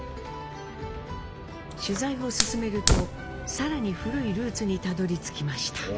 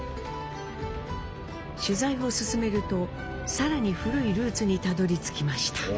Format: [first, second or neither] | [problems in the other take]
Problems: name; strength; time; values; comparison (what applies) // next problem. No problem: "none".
second | background sound (Fire); 1 dB below the speech